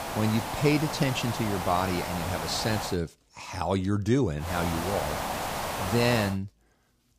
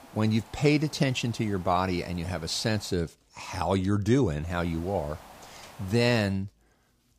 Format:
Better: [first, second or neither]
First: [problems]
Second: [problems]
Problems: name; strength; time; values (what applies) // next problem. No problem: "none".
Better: second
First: hiss; loud; until 3 s and from 4.5 to 6.5 s; 4 dB below the speech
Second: hiss; faint; until 3 s and from 4.5 to 6.5 s; 20 dB below the speech